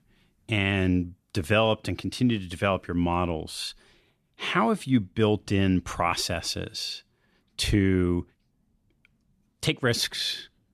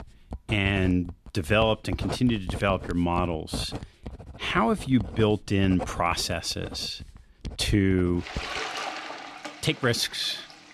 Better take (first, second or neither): first